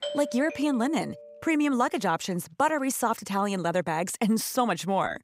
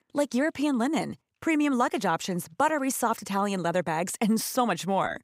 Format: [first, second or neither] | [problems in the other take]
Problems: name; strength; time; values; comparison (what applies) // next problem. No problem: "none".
second | doorbell; noticeable; until 1.5 s; peak 7 dB below the speech